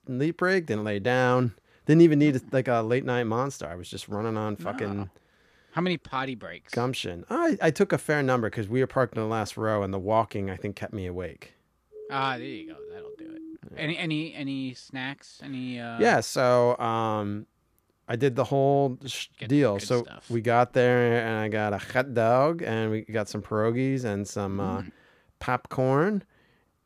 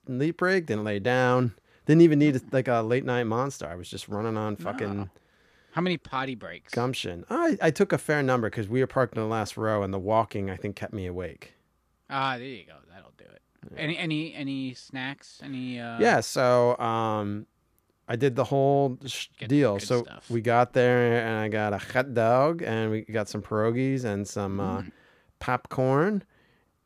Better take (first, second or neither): second